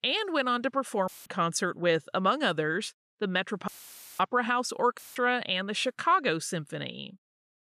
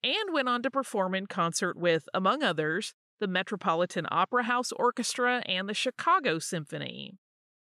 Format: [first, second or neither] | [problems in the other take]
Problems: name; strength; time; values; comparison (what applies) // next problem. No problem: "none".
second | audio cutting out; filled with static; at 1 s, at 3.5 s for 0.5 s and at 5 s